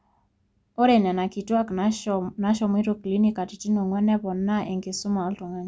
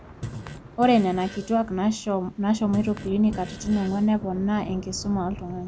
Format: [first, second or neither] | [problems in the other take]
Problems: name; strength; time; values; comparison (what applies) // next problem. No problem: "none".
first | background sound (Fart + Thunder / Rain); 13 dB below the speech